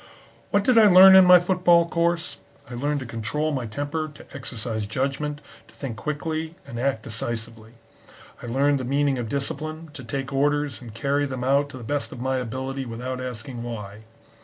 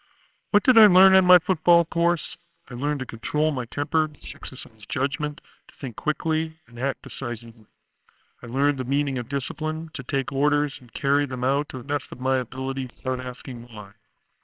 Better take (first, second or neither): first